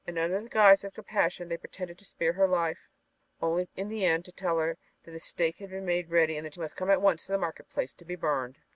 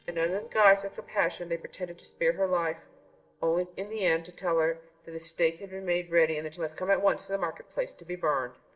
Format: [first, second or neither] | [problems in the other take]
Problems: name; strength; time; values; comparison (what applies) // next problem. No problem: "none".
first | noise reduction (neural separator model SepFormer DNS4)